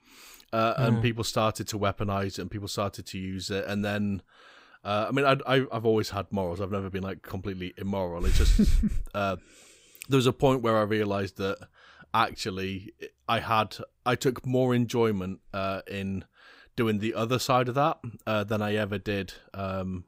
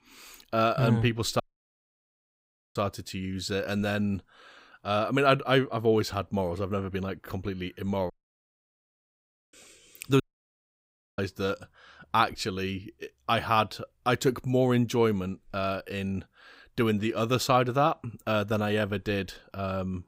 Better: first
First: none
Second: audio cutting out; at 1.5 s for 1.5 s, at 8 s for 1.5 s and at 10 s for 1 s

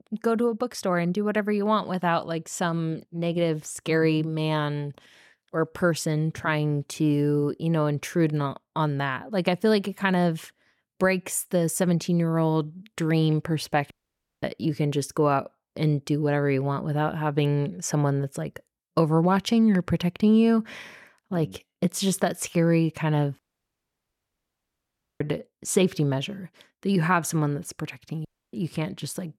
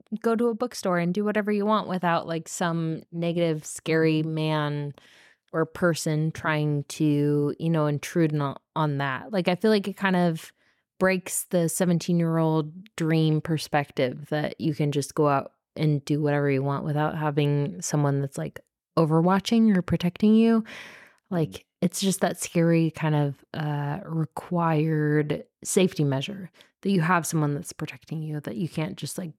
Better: second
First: audio cutting out; at 14 s for 0.5 s, at 23 s for 2 s and at 28 s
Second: none

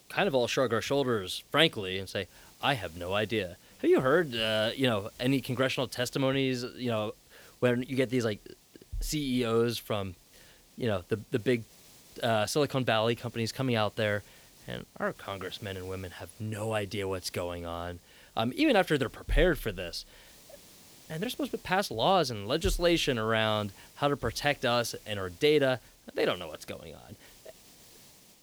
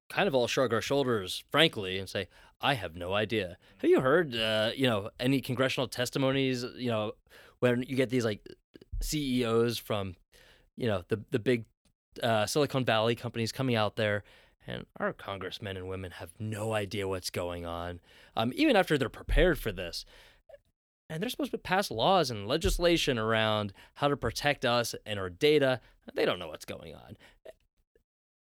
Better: second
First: hiss; faint; throughout; 25 dB below the speech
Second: none

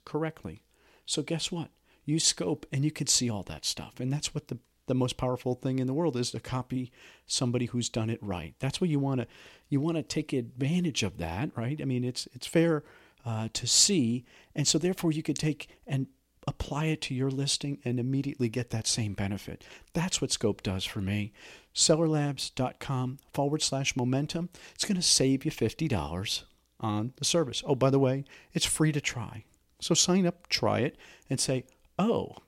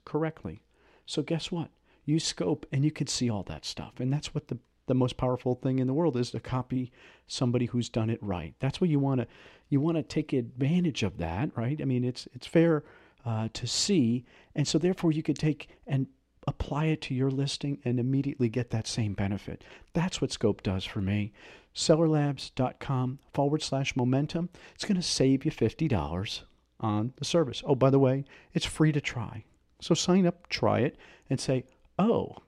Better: first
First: none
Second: muffled; slightly; fading above 2 kHz

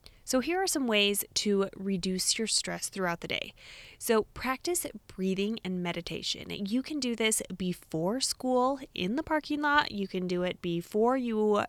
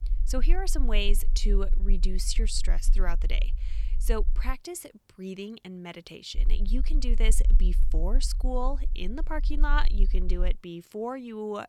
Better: first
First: none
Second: low rumble; noticeable; until 4.5 s and from 6.5 to 11 s; 20 dB below the speech

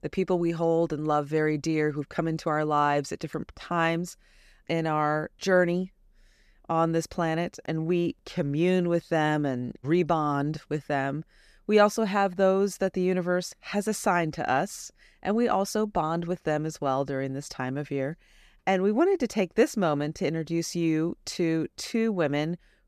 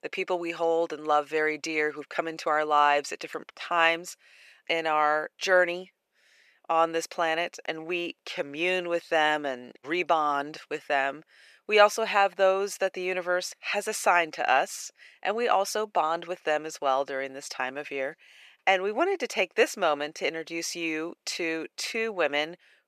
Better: first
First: none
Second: thin; very; fading below 600 Hz

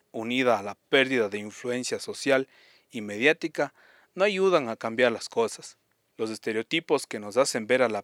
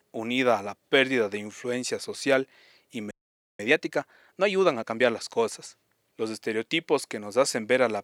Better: first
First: none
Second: audio freezing; at 3 s

